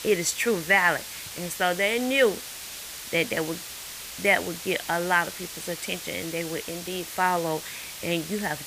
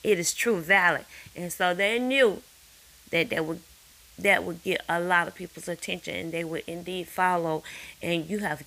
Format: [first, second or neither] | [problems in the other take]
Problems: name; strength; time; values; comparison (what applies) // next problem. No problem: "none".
second | hiss; loud; throughout; 10 dB below the speech; faint in the second